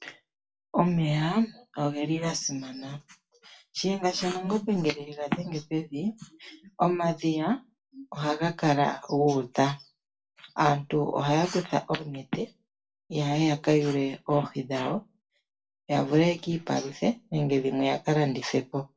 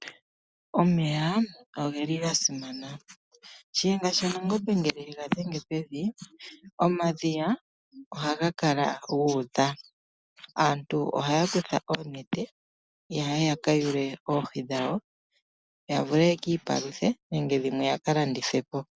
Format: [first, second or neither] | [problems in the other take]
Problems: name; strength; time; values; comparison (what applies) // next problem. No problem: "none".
second | room echo; dies away in 0.2 s